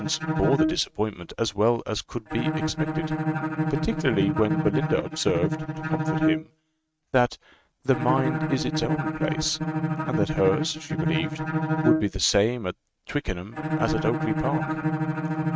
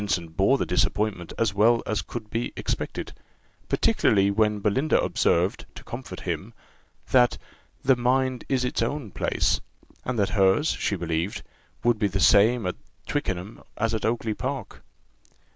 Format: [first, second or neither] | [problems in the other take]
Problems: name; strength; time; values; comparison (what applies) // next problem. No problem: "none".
second | noise reduction (neural mask model RNNoise)